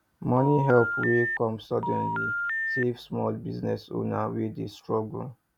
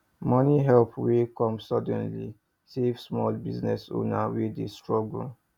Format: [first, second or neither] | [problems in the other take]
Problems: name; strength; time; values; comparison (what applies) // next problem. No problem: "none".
second | background sound (Telephone); 3 dB below the speech